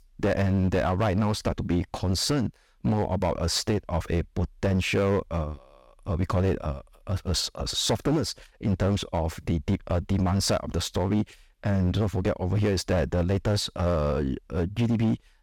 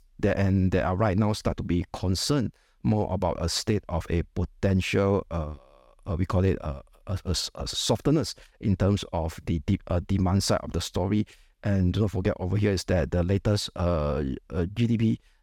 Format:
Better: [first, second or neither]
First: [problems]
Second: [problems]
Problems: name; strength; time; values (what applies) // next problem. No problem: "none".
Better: second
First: distortion; slight; 9% of the sound clipped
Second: none